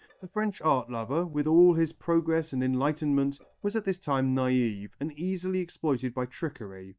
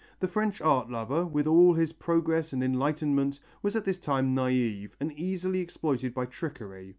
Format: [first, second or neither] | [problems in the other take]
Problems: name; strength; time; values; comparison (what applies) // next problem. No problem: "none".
second | noise reduction (neural mask model DeepFilterNet 3)